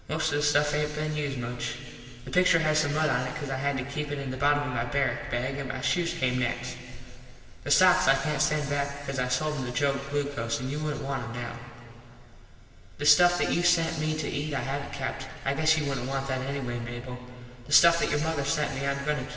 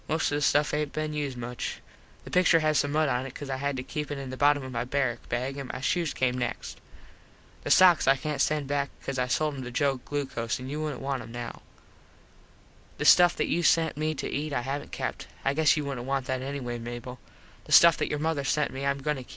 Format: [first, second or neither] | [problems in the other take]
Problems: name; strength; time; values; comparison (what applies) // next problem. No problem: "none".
second | room echo; dies away in 2.6 s